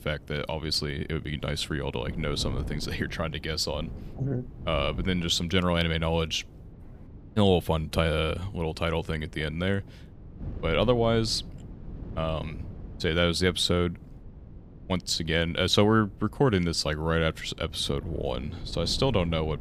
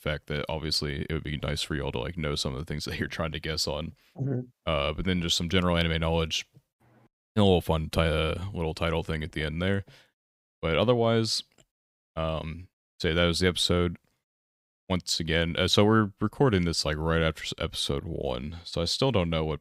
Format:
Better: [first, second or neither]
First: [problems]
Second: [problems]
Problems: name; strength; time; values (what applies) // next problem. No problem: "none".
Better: second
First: wind noise on the microphone; occasional gusts; 25 dB below the speech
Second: none